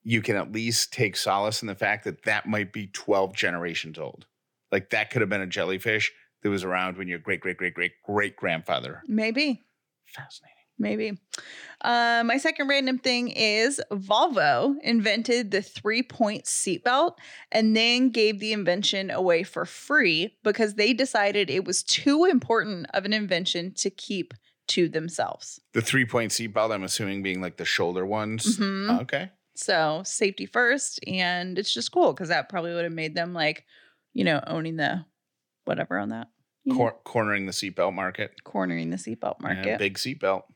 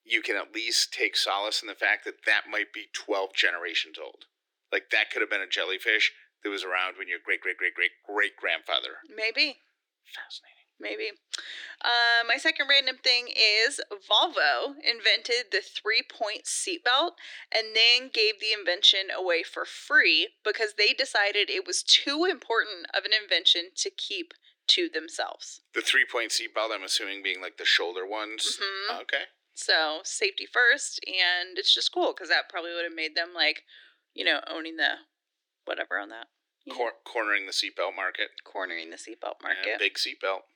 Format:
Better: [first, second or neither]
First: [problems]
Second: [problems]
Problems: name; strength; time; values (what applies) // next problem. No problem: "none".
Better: first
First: none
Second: thin; very; fading below 300 Hz